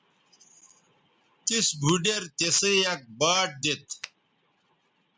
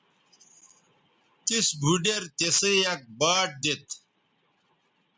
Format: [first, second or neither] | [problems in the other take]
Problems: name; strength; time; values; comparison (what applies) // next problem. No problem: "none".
second | background sound (Finger snapping); 16 dB below the speech